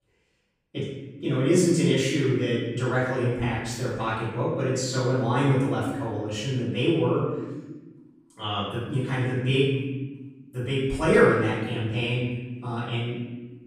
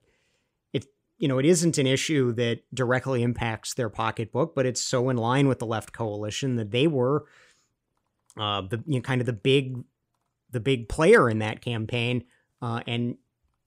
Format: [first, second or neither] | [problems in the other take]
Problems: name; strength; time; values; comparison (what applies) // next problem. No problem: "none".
second | off-mic speech; far // room echo; noticeable; dies away in 1.1 s